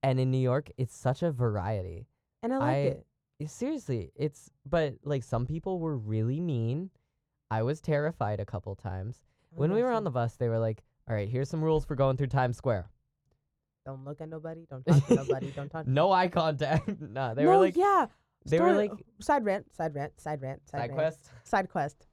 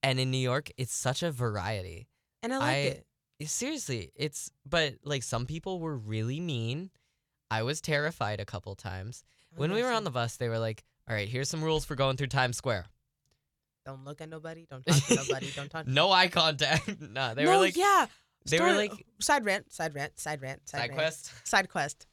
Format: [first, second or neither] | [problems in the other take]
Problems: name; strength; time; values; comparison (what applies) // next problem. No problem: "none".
second | muffled; very; fading above 1.5 kHz